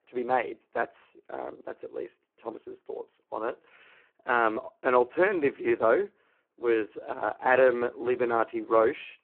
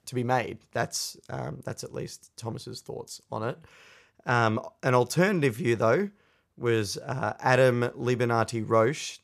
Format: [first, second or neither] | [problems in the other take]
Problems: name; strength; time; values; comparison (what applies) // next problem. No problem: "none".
second | phone-call audio; poor line